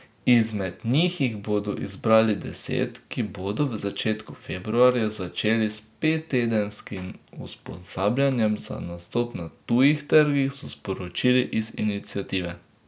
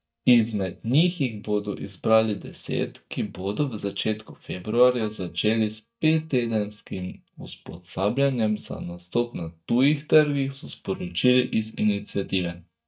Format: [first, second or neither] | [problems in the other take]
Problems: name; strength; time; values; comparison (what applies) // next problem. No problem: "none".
first | noise reduction (neural mask model DeepFilterNet 3)